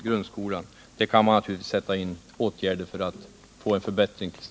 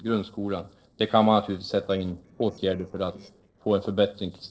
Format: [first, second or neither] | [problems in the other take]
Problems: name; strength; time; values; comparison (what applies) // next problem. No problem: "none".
first | noise reduction (neural separator model SepFormer DNS4)